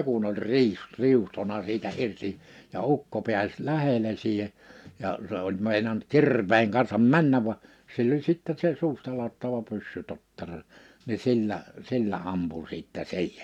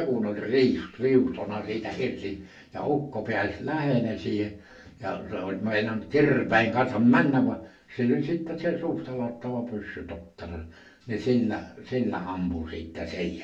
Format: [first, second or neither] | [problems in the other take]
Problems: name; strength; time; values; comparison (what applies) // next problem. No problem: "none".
first | room echo; dies away in 0.3 s